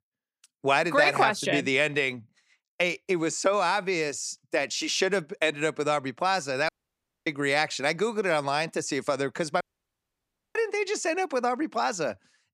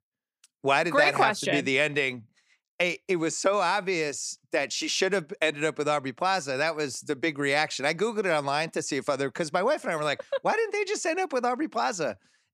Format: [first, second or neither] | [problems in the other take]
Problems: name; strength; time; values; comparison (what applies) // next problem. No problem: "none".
second | audio cutting out; at 6.5 s for 0.5 s and at 9.5 s for 1 s